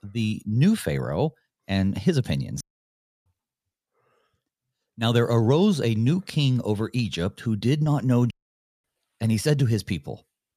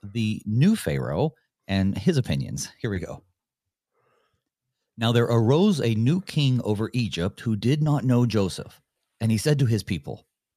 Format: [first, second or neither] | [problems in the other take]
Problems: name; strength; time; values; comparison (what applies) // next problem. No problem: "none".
second | audio cutting out; at 2.5 s for 0.5 s and at 8.5 s for 0.5 s